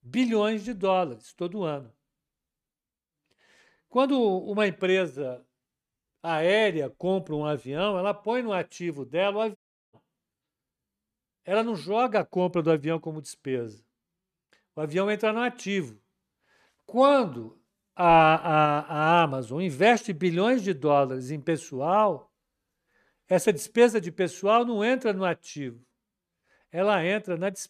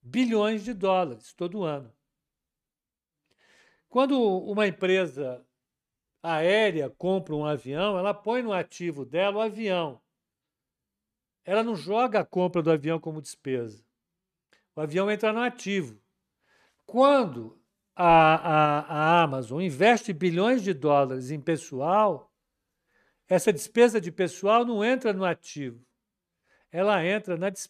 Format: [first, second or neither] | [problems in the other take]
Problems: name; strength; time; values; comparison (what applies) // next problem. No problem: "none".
second | audio cutting out; at 9.5 s